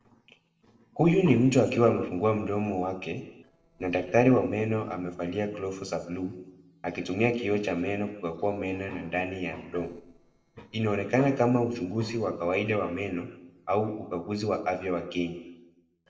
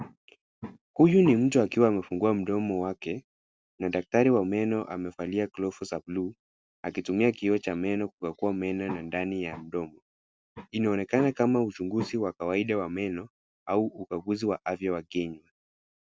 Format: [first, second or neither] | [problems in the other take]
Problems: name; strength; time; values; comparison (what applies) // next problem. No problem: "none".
second | noise reduction (neural separator model SepFormer DNS4)